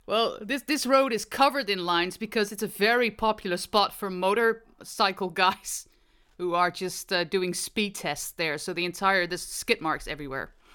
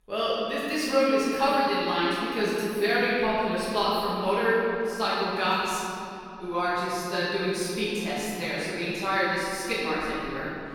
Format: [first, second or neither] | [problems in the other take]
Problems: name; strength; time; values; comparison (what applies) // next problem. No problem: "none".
first | off-mic speech; far // room echo; strong; dies away in 3 s